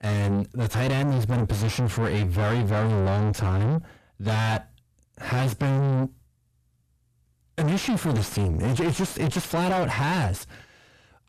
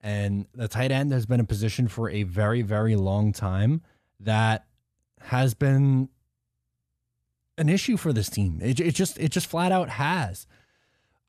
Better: second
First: distortion; heavy; 5 dB below the speech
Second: none

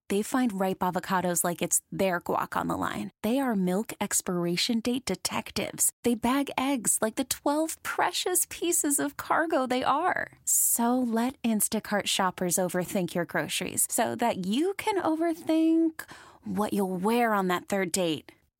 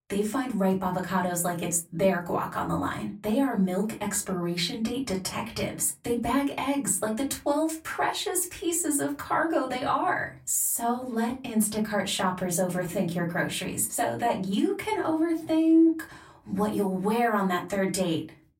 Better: first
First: none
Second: off-mic speech; far // room echo; very slight; dies away in 0.3 s

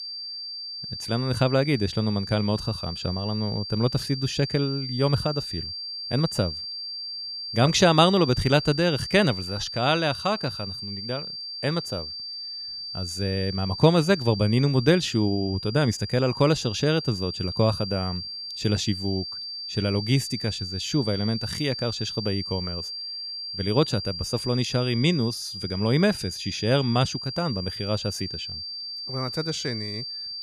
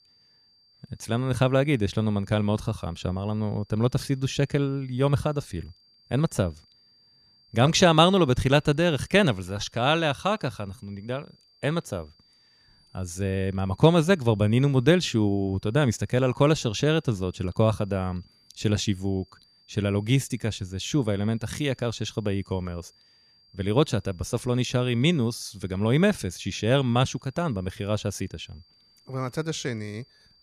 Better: second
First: high-pitched whine; loud; throughout; 4.5 kHz, 7 dB below the speech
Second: high-pitched whine; faint; throughout; 4.5 kHz, 35 dB below the speech

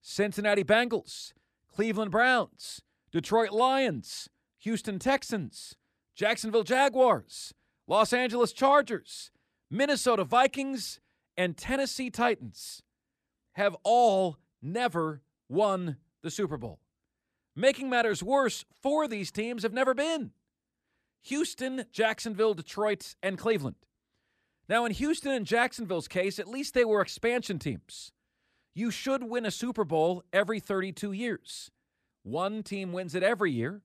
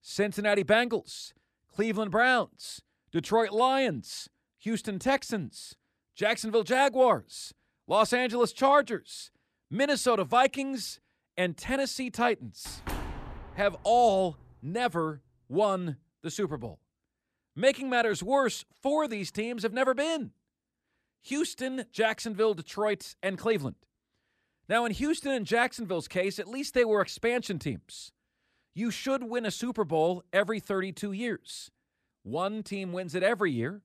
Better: first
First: none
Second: door banging; noticeable; from 13 to 14 s; peak 9 dB below the speech

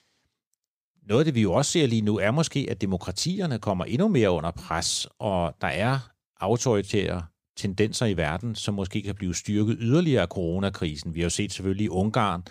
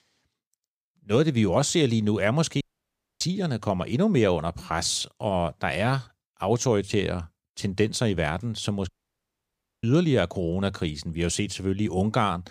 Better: first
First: none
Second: audio cutting out; at 2.5 s for 0.5 s and at 9 s for 1 s

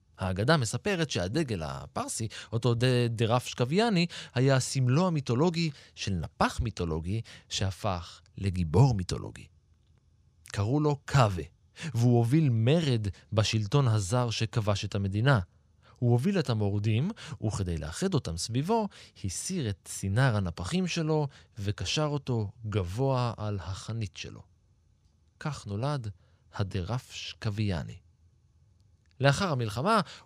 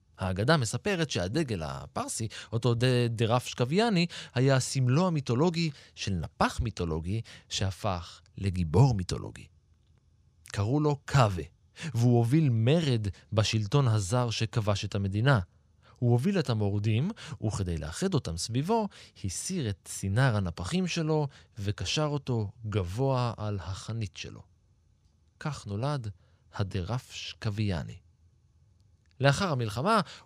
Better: neither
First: none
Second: none

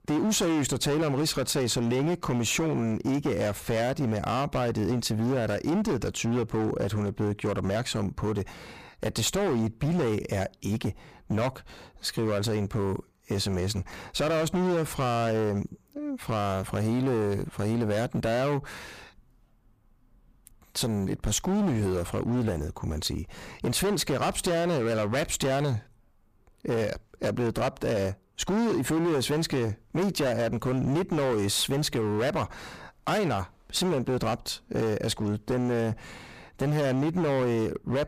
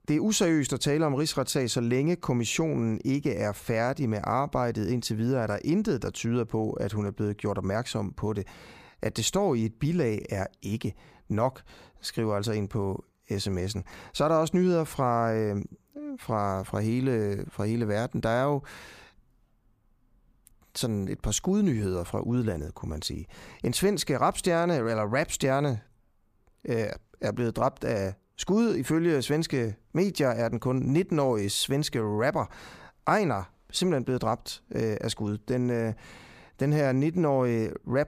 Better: second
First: distortion; heavy; 20% of the sound clipped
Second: none

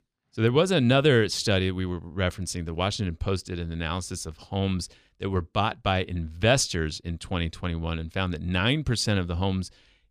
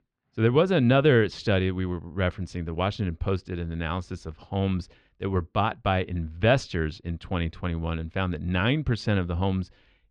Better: first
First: none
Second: muffled; slightly; fading above 2.5 kHz

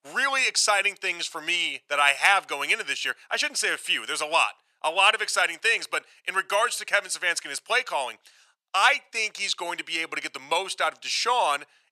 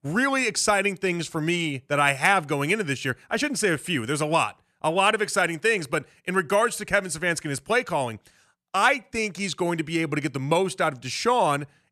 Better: second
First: thin; very; fading below 800 Hz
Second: none

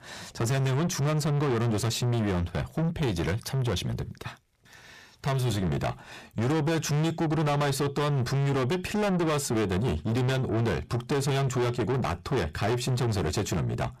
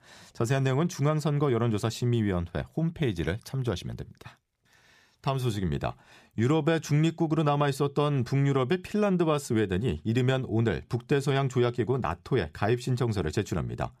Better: second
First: distortion; heavy; 6 dB below the speech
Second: none

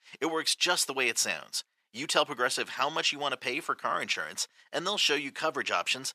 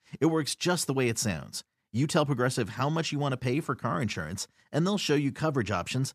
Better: second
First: thin; very; fading below 550 Hz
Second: none

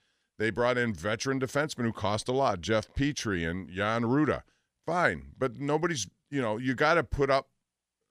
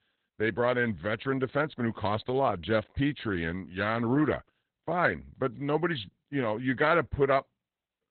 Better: first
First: none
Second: garbled, watery; badly; nothing above 4 kHz

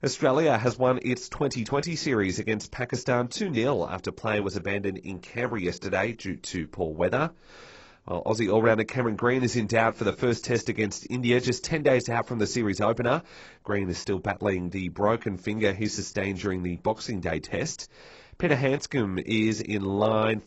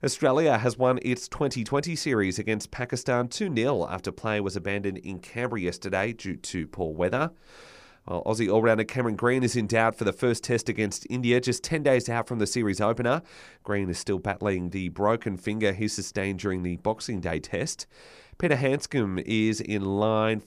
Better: second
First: garbled, watery; badly; nothing above 8 kHz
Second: none

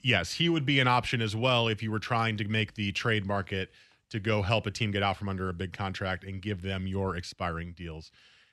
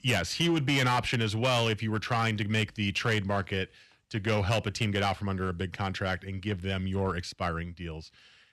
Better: first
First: none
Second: distortion; slight; 5% of the sound clipped

